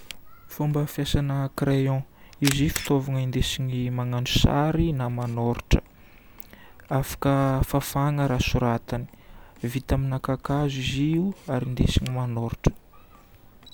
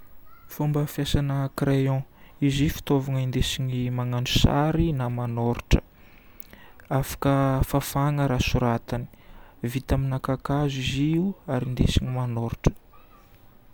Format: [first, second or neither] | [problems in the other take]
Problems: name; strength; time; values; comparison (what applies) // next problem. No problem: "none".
second | background sound (Camera); 19 dB below the speech